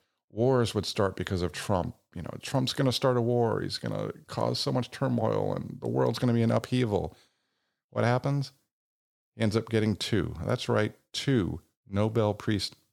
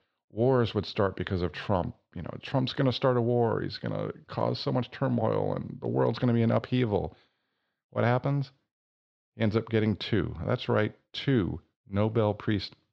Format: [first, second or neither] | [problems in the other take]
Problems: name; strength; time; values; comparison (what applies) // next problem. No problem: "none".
first | muffled; very slightly; fading above 4 kHz